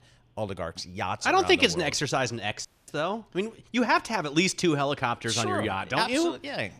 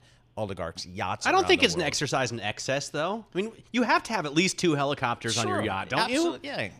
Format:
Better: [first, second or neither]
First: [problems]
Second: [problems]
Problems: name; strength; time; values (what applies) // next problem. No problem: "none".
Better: second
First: audio cutting out; at 2.5 s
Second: none